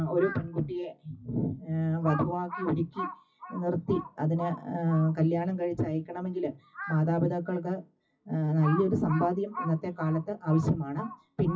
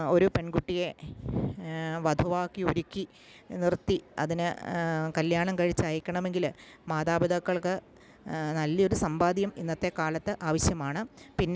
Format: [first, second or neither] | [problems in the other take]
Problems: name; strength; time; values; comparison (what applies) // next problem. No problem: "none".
second | noise reduction (classical method WPE with log-MMSE)